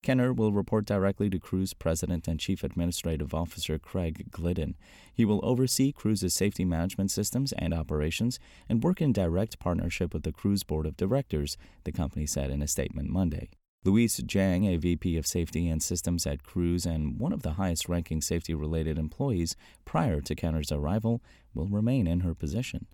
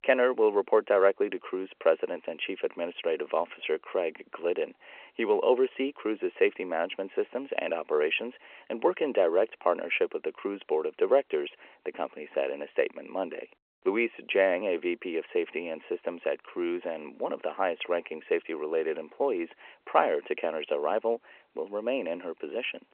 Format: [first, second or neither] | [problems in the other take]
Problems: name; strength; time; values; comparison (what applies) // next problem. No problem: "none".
first | phone-call audio